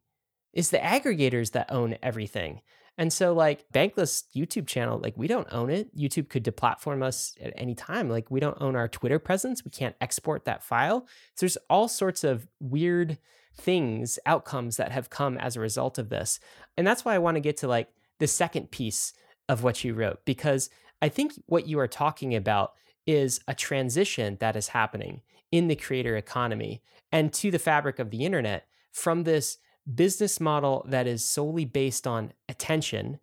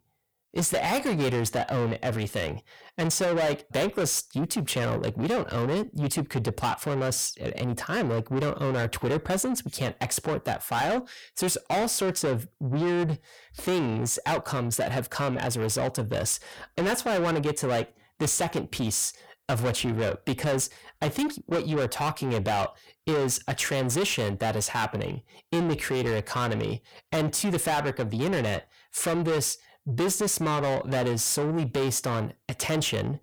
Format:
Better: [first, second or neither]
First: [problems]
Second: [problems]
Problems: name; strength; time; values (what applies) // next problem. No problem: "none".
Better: first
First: none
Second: distortion; heavy; 6 dB below the speech